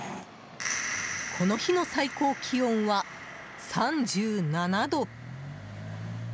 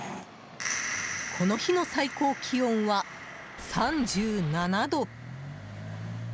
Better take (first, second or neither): first